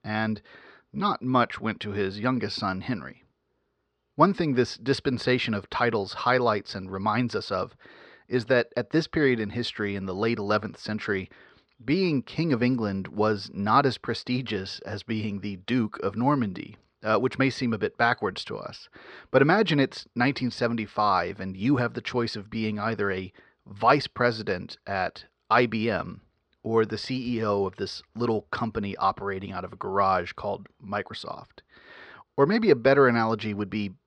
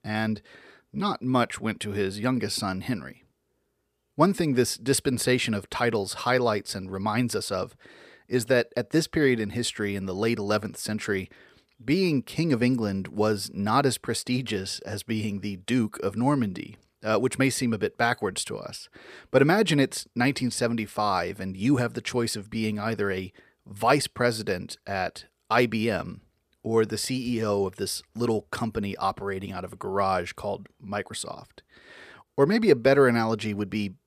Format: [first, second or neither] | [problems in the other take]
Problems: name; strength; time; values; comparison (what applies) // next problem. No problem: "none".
second | muffled; very slightly; fading above 4.5 kHz